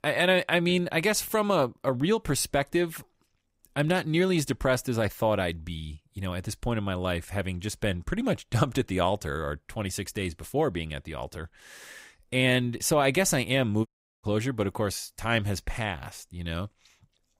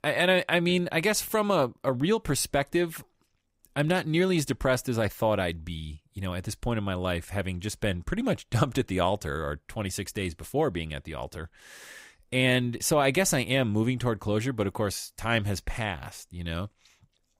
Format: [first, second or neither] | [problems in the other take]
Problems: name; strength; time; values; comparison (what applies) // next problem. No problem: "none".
second | audio cutting out; at 14 s